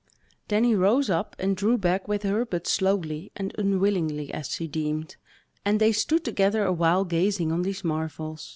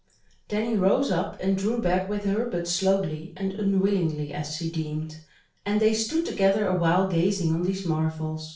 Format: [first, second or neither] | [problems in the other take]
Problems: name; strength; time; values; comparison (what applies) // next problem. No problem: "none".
first | room echo; dies away in 0.4 s